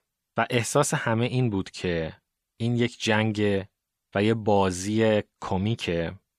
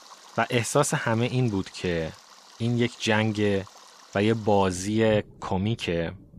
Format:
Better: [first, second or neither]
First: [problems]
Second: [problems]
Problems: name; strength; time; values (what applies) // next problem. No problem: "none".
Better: first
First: none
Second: rain or running water; faint; throughout; 20 dB below the speech